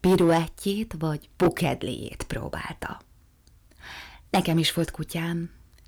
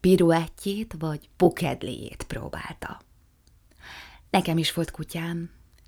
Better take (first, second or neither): second